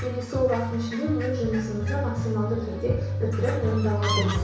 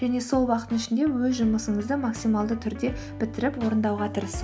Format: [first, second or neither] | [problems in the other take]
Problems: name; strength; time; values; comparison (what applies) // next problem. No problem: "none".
second | background sound (Fowl); 13 dB below the speech // room echo; dies away in 0.6 s